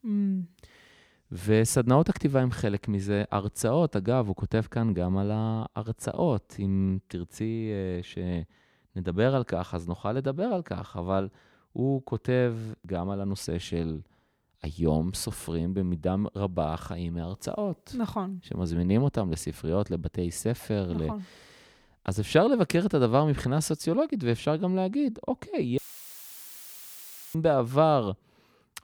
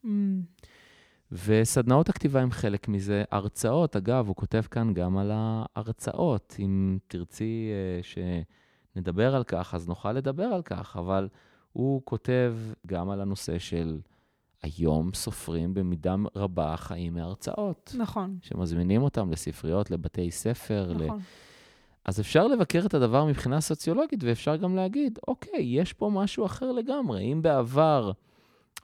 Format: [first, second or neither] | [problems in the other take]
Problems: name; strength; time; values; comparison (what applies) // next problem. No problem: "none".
second | audio cutting out; filled with static; at 26 s for 1.5 s